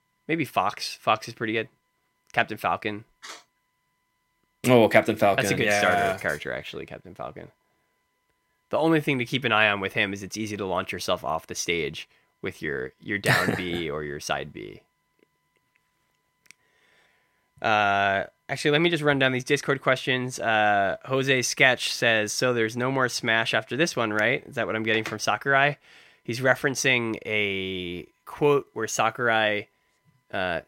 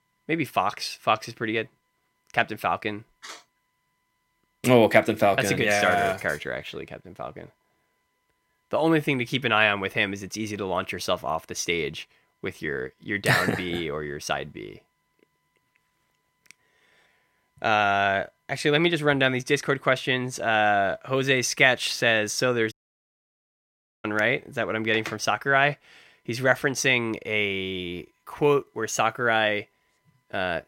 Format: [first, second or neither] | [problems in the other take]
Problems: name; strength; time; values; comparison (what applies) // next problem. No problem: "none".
first | audio cutting out; at 23 s for 1.5 s